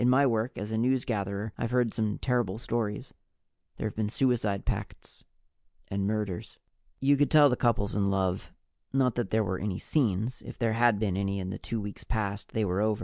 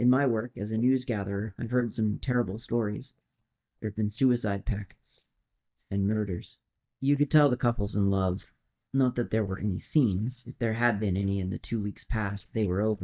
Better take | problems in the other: first | noise reduction (neural mask model DeepFilterNet 3)

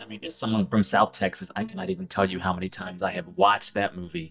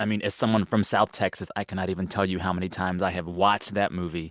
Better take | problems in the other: second | noise reduction (neural mask model DeepFilterNet 3)

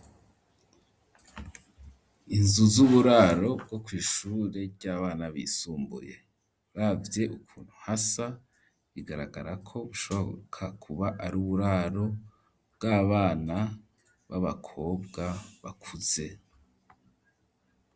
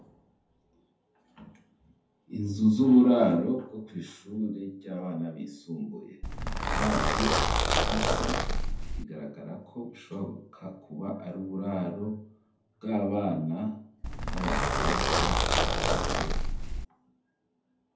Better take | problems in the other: first | background sound (Zipper (clothing)); 4 dB above the speech // room echo; dies away in 0.5 s

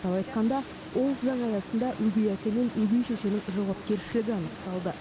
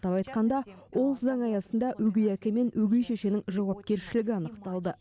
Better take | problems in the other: second | background sound (Boat, Water vehicle); 14 dB below the speech

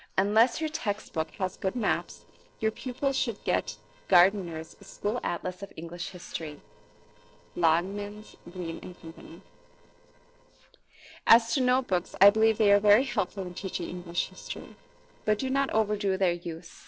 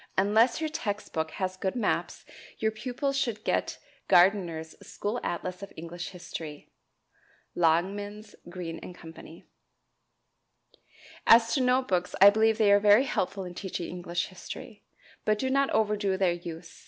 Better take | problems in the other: second | noise reduction (neural separator model SepFormer DNS4)

